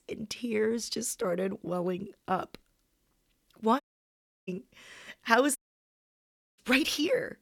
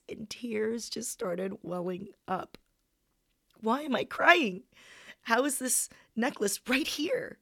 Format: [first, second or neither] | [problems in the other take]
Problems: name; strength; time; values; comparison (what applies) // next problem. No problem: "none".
second | audio cutting out; at 4 s for 0.5 s and at 5.5 s for 1 s